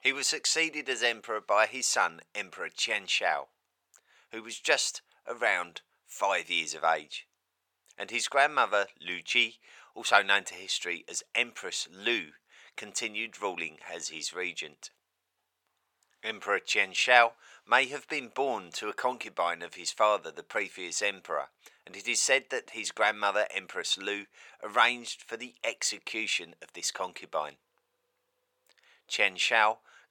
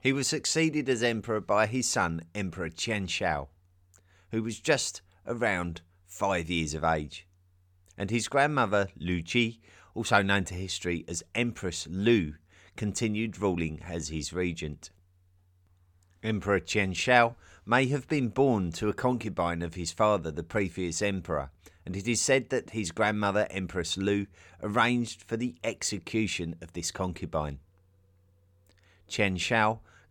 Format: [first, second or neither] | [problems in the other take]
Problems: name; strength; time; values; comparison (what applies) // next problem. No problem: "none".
second | thin; very; fading below 700 Hz